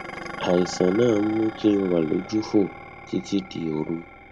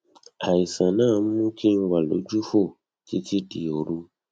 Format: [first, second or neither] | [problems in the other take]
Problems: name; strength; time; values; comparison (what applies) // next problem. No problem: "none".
second | background sound (Dishes, pots, and pans); 14 dB below the speech